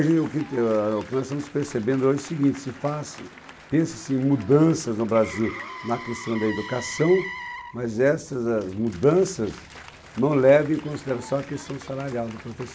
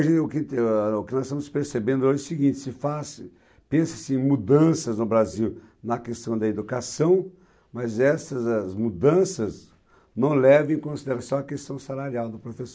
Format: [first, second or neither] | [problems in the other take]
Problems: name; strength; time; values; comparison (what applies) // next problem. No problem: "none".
second | background sound (Motor vehicle (road) + Applause); 17 dB below the speech